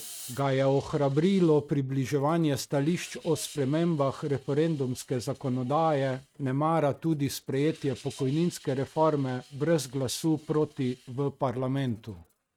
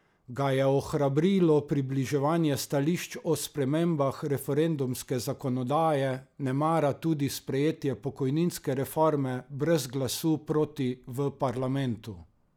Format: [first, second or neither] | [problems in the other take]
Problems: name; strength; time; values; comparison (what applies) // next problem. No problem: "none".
second | noise reduction (neural mask model RNNoise)